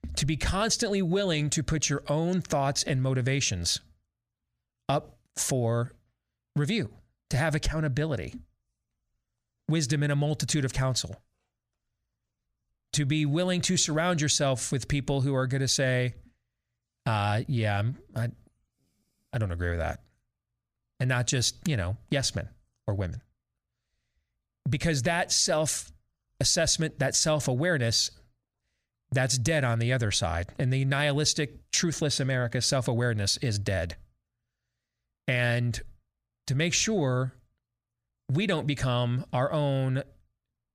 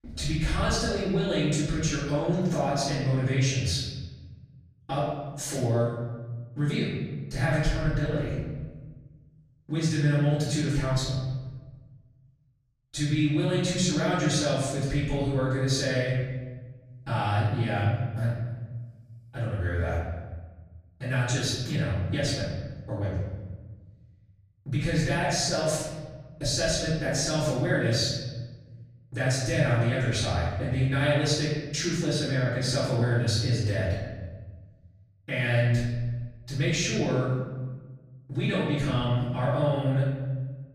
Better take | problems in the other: first | off-mic speech; far // room echo; strong; dies away in 1.4 s

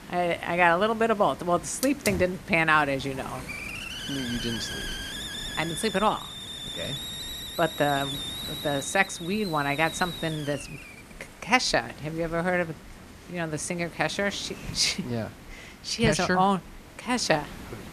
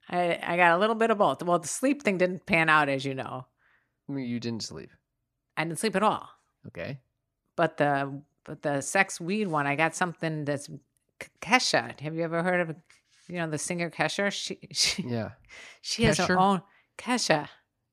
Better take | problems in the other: second | hiss; noticeable; throughout; 10 dB below the speech

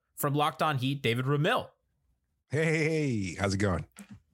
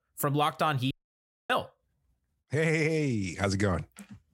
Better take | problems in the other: first | audio cutting out; at 1 s for 0.5 s

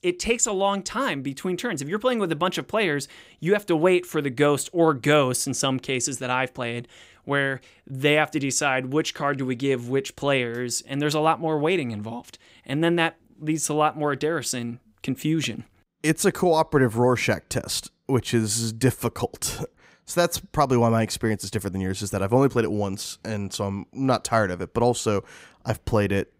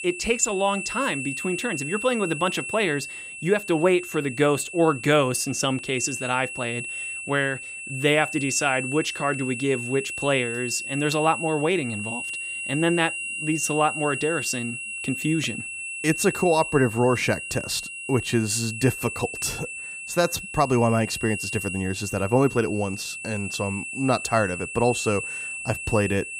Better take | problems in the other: first | high-pitched whine; loud; throughout; 2.5 kHz, 6 dB below the speech

